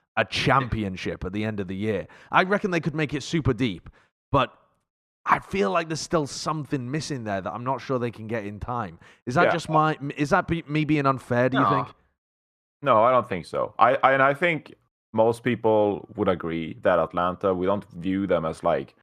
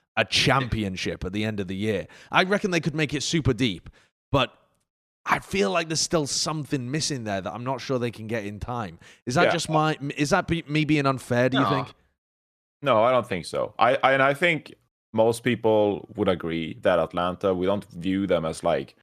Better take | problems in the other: second | muffled; slightly; fading above 3 kHz

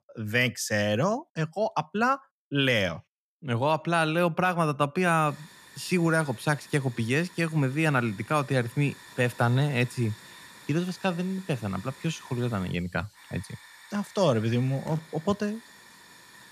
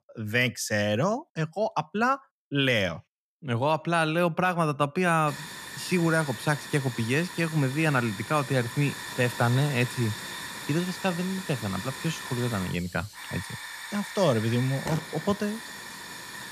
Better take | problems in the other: first | hiss; loud; from 5.5 s on; 10 dB below the speech; faint in the first

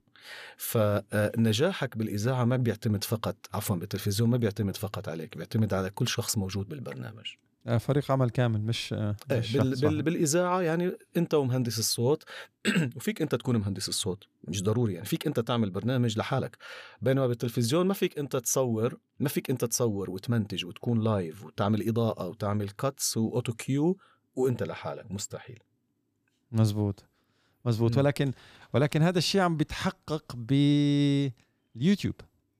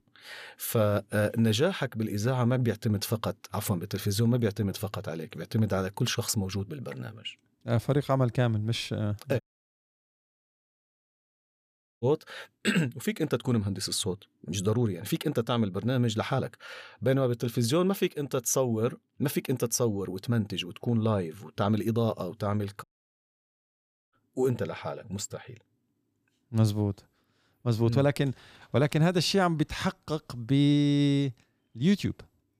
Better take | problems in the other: first | audio cutting out; at 9.5 s for 2.5 s and at 23 s for 1.5 s

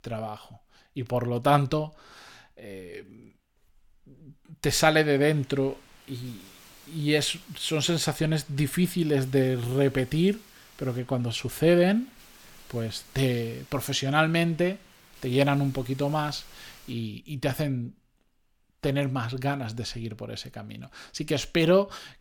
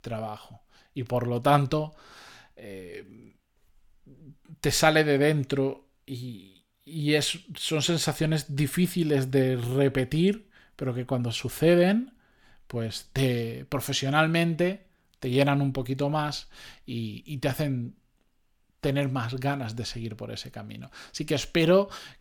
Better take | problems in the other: second | hiss; faint; from 5 to 17 s; 25 dB below the speech

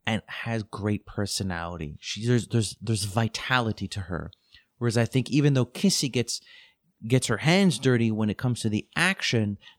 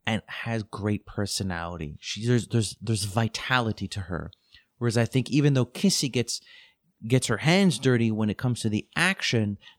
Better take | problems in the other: neither | none

